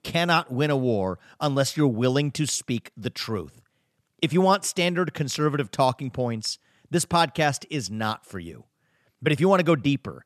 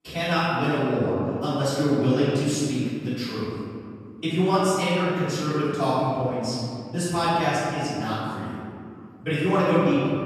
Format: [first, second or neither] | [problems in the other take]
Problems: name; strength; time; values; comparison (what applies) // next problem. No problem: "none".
first | off-mic speech; far // room echo; strong; dies away in 2.2 s